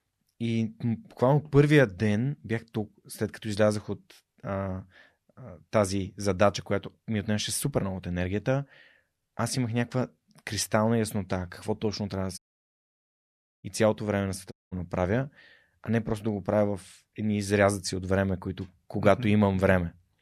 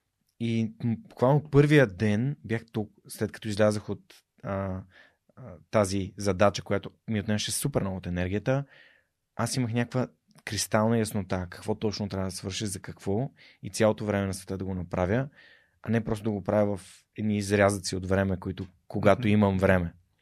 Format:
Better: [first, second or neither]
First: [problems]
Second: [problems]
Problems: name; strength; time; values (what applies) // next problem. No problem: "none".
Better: second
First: audio cutting out; at 12 s for 1.5 s and at 15 s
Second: none